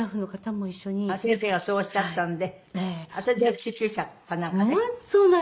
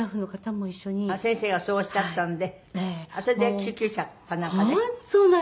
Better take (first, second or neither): second